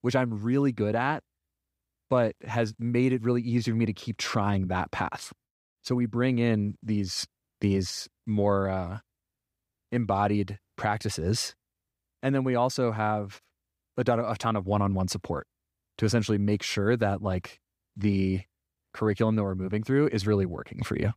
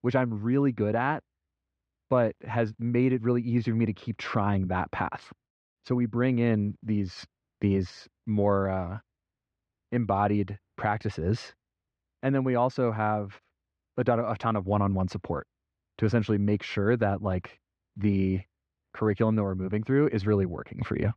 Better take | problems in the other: first | muffled; slightly; fading above 2.5 kHz

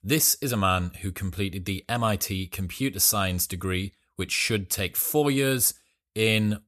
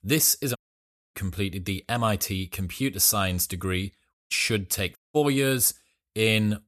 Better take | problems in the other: first | audio cutting out; at 0.5 s for 0.5 s, at 4 s and at 5 s

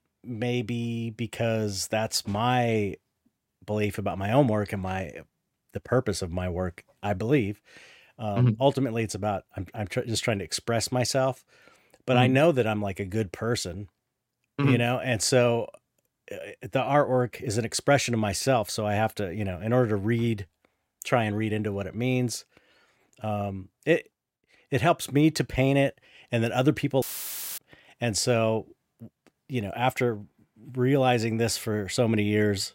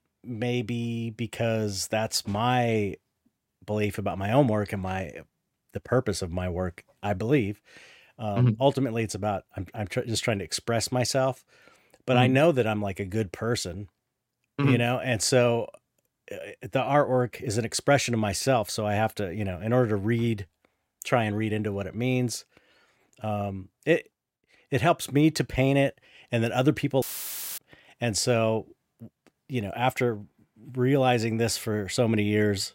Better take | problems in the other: neither | audio cutting out; filled with static; at 27 s for 0.5 s; the same in both

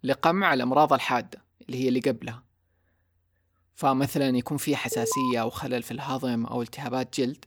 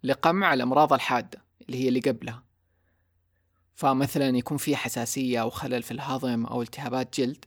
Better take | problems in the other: second | alarm; noticeable; at 5 s; peak 4 dB below the speech

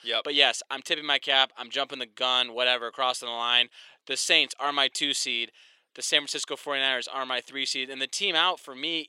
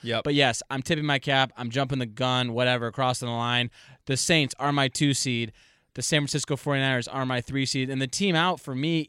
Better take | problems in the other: second | thin; very; fading below 400 Hz

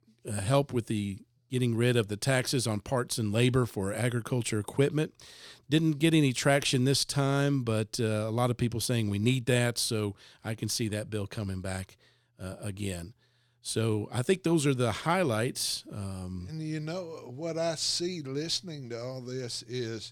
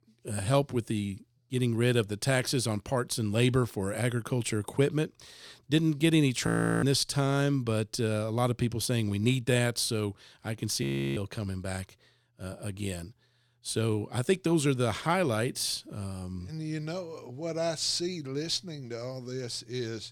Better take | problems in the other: first | audio freezing; at 6.5 s and at 11 s

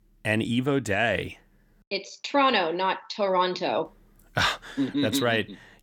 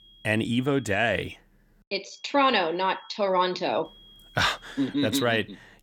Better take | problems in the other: first | high-pitched whine; faint; until 1.5 s, from 2 to 3 s and from 4 to 5 s; 3.5 kHz, 25 dB below the speech

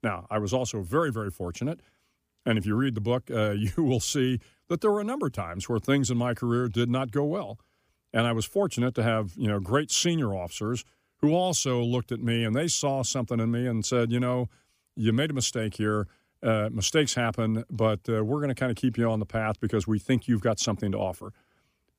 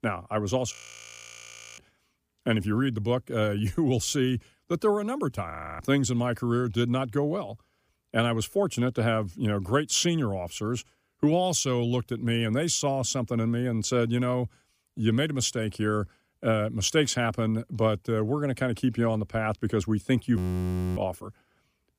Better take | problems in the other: first | audio freezing; at 0.5 s for 1 s, at 5.5 s and at 20 s for 0.5 s

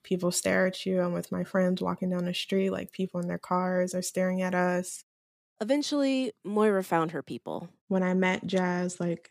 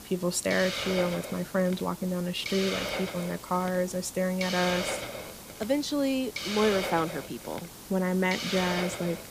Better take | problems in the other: first | hiss; loud; throughout; 6 dB below the speech

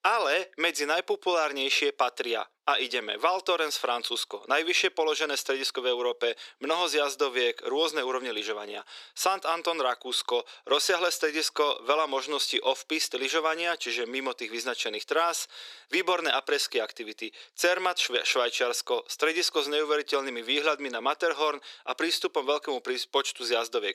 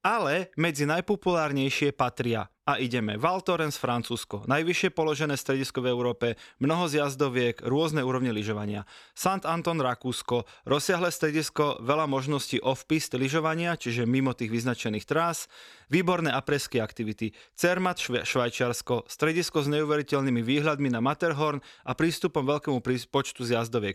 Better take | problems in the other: second | thin; very; fading below 350 Hz

